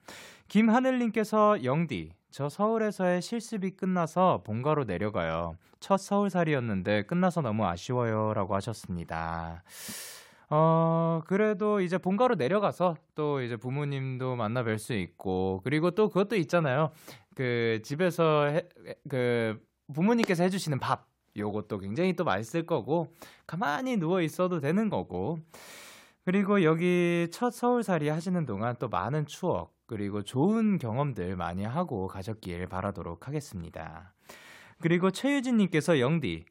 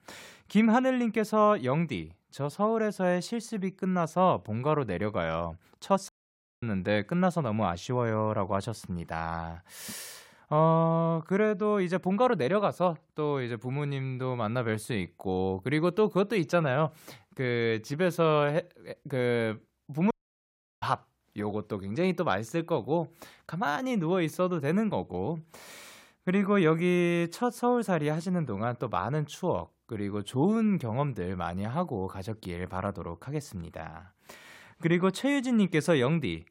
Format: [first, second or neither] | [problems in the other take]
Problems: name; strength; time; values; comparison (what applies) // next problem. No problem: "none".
first | audio cutting out; at 6 s for 0.5 s and at 20 s for 0.5 s